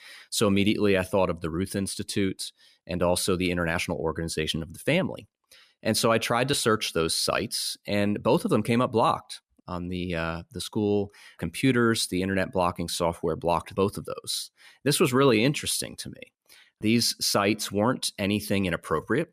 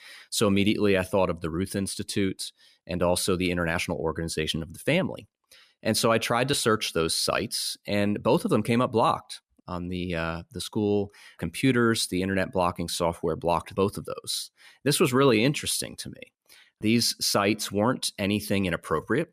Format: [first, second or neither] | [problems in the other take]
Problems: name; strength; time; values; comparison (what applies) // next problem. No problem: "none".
neither | none